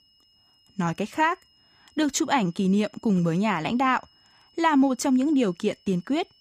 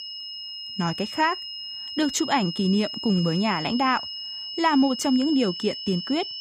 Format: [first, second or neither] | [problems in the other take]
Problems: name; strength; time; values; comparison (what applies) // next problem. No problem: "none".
first | high-pitched whine; loud; throughout; 5 kHz, 8 dB below the speech; faint in the first